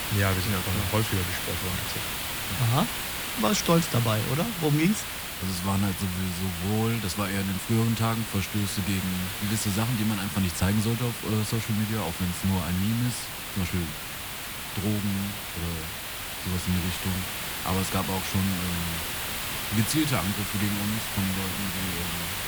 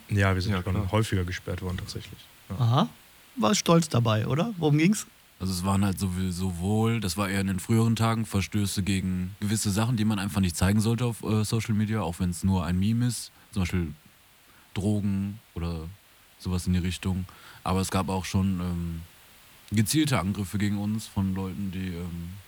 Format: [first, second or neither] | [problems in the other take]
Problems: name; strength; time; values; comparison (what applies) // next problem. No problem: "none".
second | hiss; loud; throughout; 3 dB below the speech; faint in the second